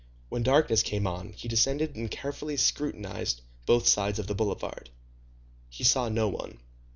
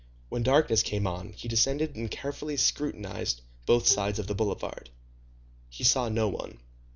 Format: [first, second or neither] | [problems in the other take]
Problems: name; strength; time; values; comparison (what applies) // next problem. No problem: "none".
first | background sound (Bowed string instrument); 18 dB below the speech